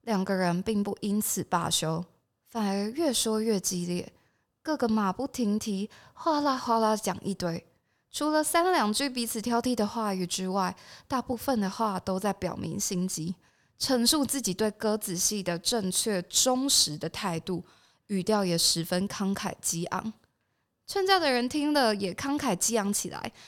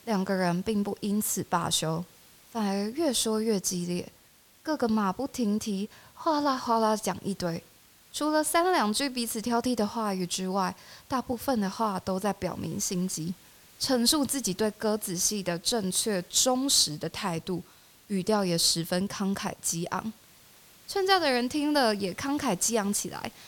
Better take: first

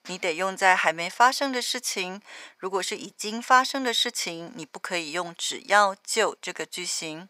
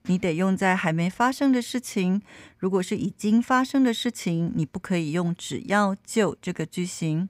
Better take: second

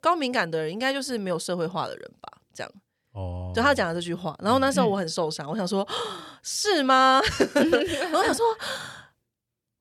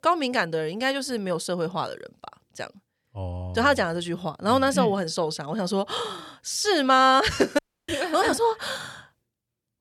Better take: first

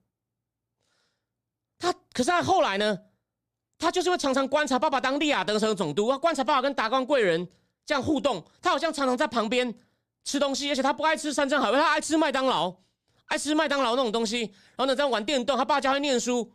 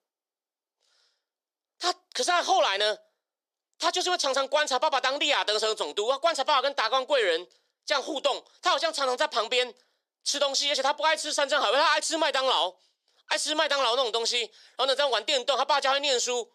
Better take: first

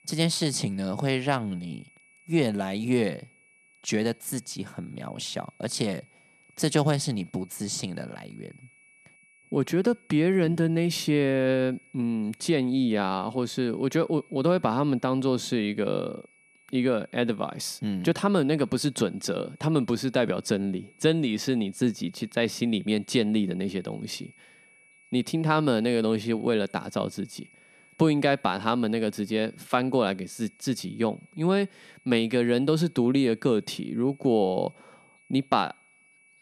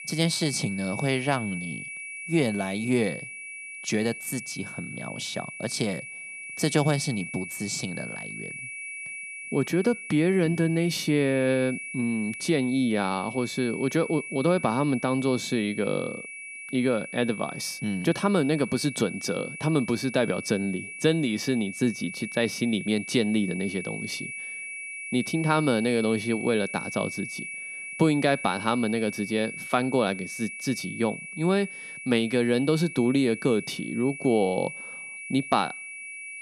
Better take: first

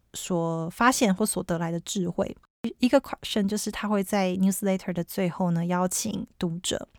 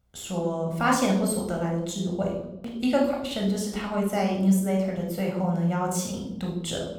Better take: first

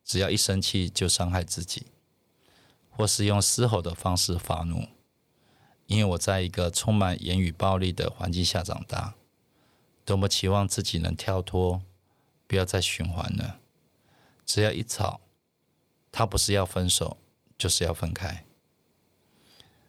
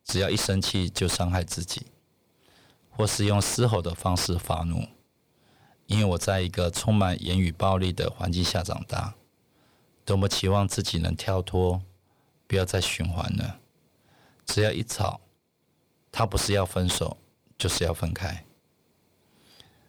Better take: first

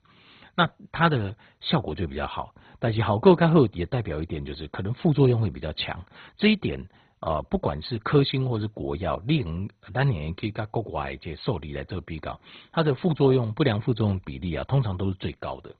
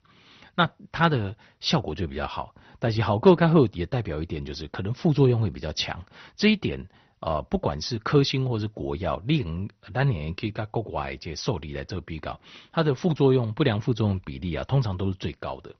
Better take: second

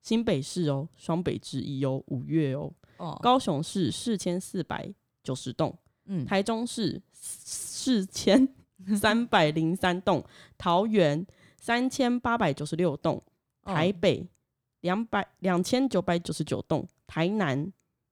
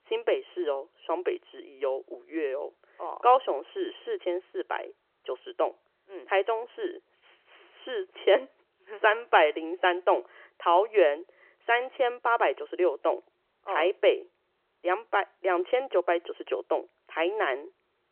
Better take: first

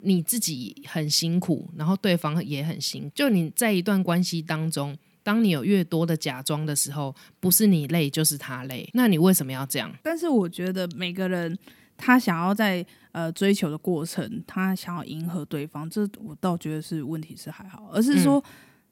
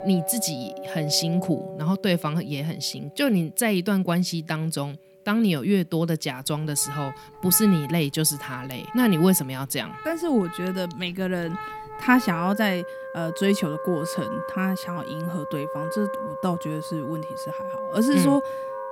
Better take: first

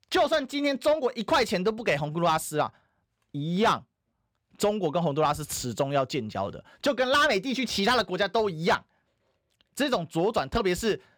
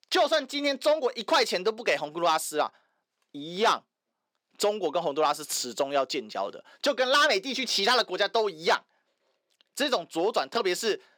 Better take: first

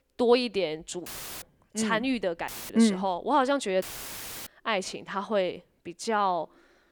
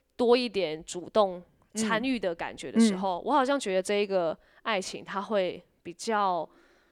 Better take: second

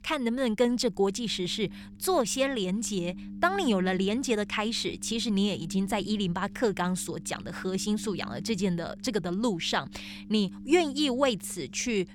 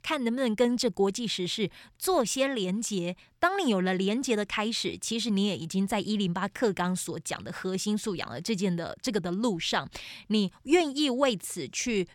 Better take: second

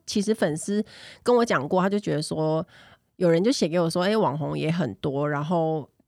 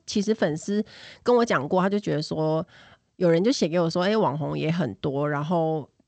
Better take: first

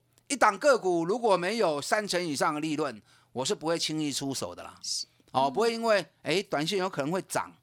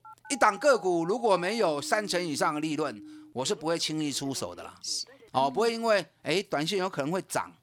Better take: first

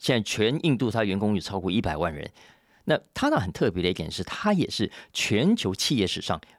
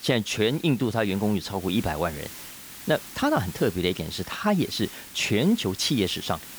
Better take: first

